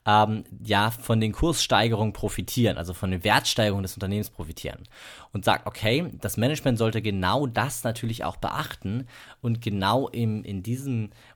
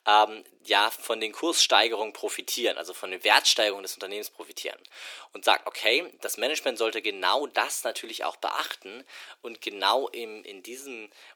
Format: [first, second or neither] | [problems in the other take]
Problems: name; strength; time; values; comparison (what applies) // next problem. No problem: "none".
first | thin; very; fading below 350 Hz